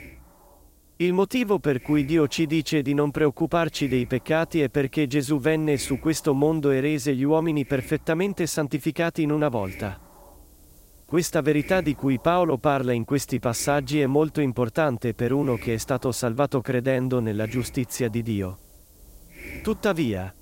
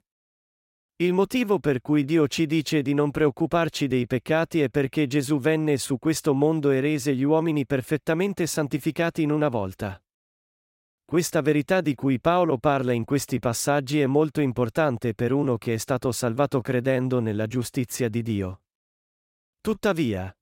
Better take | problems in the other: second | hiss; faint; throughout; 20 dB below the speech

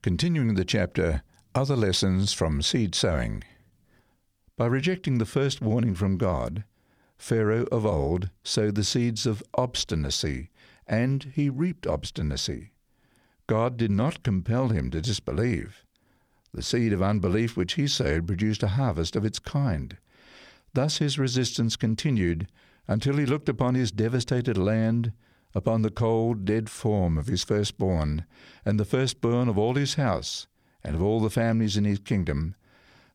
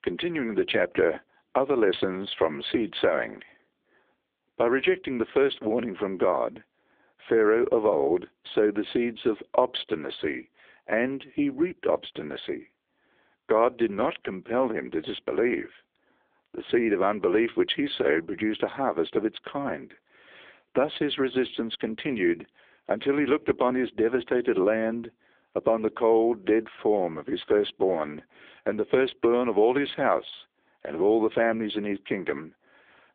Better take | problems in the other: first | phone-call audio; poor line

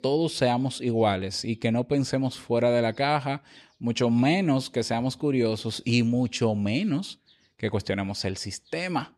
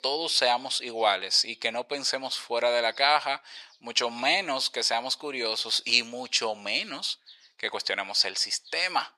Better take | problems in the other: first | thin; very; fading below 900 Hz

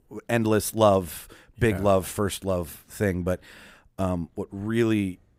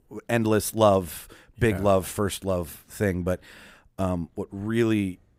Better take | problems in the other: neither | none

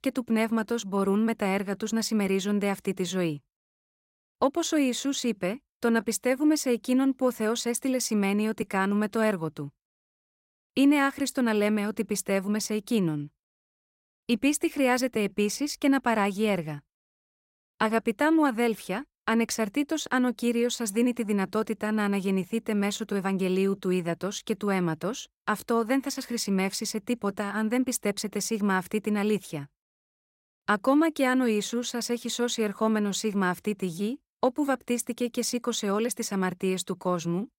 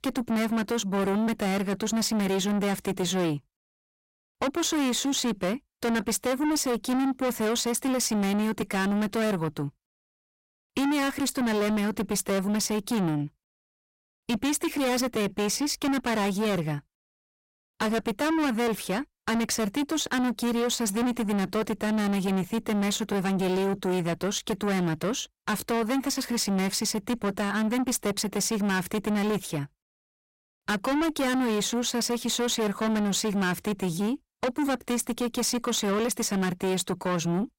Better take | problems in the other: first | distortion; heavy; 6 dB below the speech

